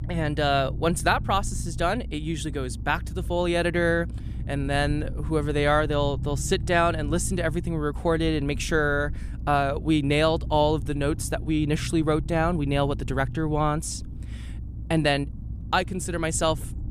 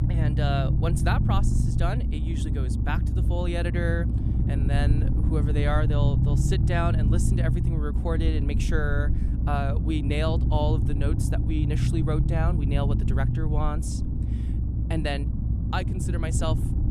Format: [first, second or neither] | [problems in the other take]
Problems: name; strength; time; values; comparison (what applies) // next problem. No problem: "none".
first | low rumble; loud; throughout; 5 dB below the speech; faint in the first